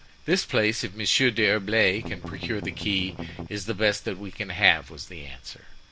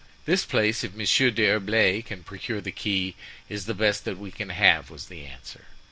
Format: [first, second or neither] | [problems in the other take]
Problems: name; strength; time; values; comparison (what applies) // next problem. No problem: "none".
second | background sound (Strum); 10 dB below the speech